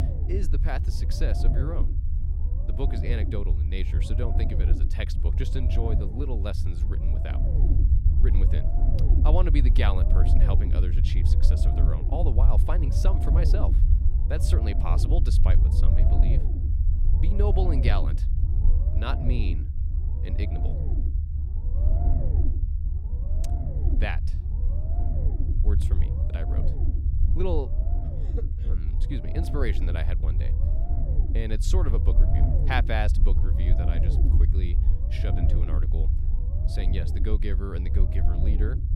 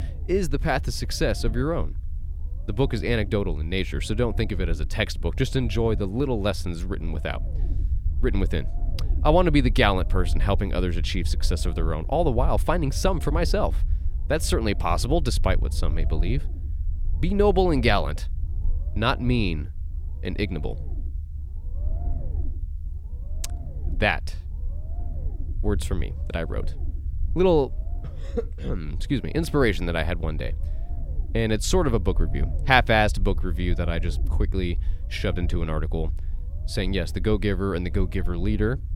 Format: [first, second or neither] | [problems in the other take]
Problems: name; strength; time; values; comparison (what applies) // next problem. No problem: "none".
second | low rumble; loud; throughout; 5 dB below the speech; faint in the second